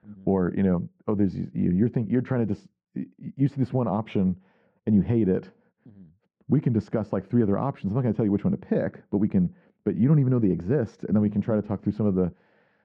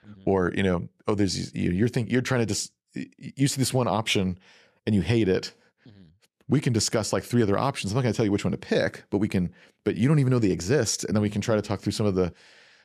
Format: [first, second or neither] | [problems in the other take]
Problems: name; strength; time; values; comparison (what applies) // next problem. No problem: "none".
second | muffled; very; fading above 1 kHz